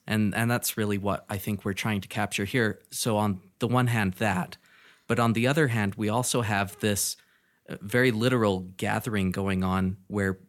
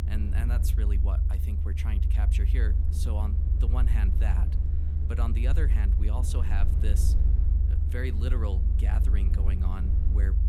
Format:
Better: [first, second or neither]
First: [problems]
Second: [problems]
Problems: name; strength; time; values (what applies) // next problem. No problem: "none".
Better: first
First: none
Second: low rumble; loud; throughout; 3 dB below the speech